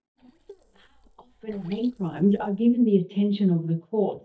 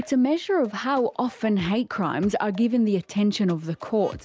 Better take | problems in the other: second | noise reduction (neural mask model DeepFilterNet 3)

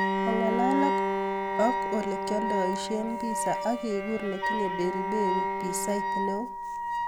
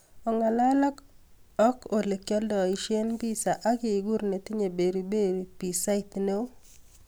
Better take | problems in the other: second | background sound (Bowed string instrument + Wind instrument, woodwind instrument); 1 dB above the speech

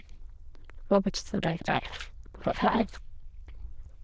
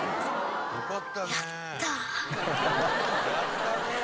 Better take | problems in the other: second | noise reduction (neural diffusion model UNIVERSE++)

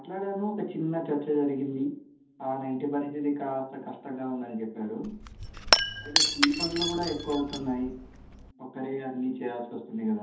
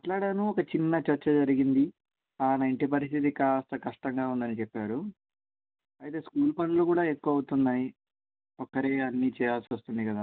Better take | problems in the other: second | background sound (Shatter / Crushing); 2 dB above the speech // room echo; dies away in 0.7 s

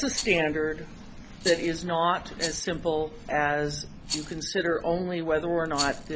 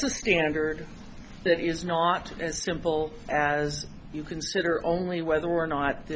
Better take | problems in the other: second | background sound (Rattle); 12 dB below the speech

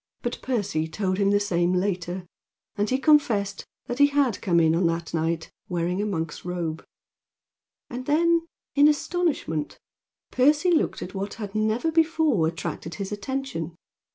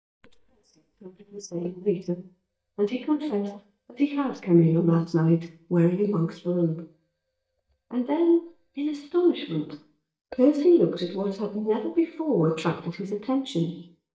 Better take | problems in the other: first | noise reduction (neural mask model DeepFilterNet 3)

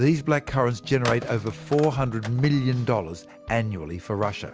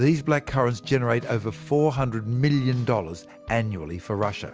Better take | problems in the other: second | background sound (Telephone); 14 dB below the speech

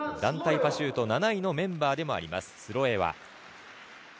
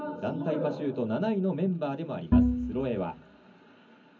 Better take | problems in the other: first | background sound (Bowed string instrument); 4 dB above the speech // room echo; dies away in 0.4 s

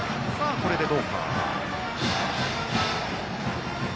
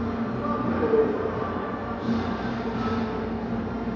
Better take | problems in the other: first | room echo; dies away in 2.2 s

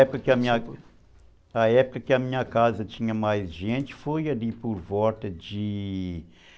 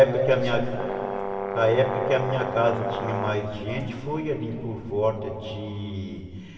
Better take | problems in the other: first | background sound (Brass instrument); 5 dB below the speech // room echo; dies away in 2.8 s

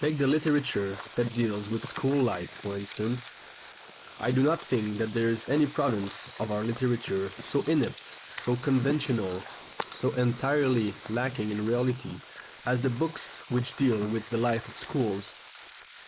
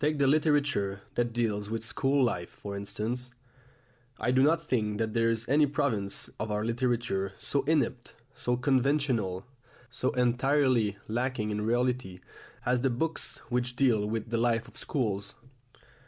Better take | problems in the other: second | noise reduction (neural mask model Resemble Enhance denoiser)

